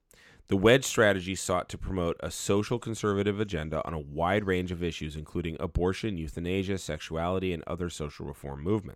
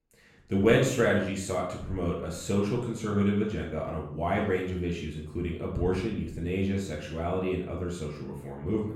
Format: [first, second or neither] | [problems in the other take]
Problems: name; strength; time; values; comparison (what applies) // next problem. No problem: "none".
first | off-mic speech; far // room echo; noticeable; dies away in 0.6 s